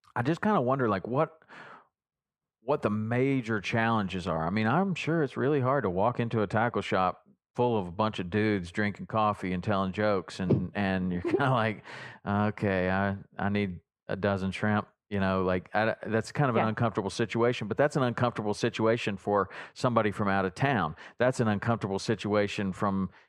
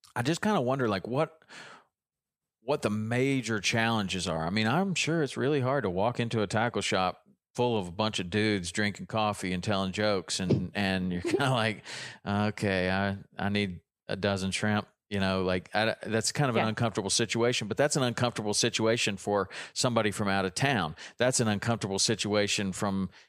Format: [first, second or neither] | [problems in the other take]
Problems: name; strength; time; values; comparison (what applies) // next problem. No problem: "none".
second | muffled; slightly; fading above 3 kHz